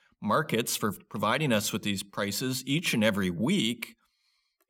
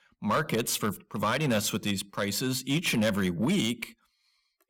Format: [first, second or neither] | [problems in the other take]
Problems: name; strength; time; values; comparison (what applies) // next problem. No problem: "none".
first | distortion; slight; 5% of the sound clipped